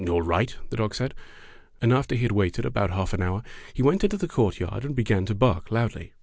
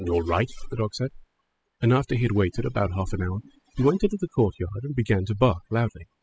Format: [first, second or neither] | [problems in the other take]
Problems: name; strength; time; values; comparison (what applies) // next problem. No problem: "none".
first | noise reduction (classical method spectral subtraction)